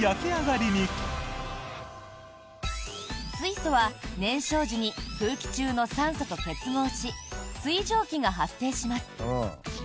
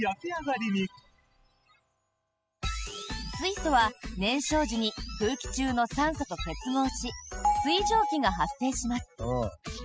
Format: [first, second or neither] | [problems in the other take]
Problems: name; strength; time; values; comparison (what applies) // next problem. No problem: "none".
first | noise reduction (classical method spectral subtraction)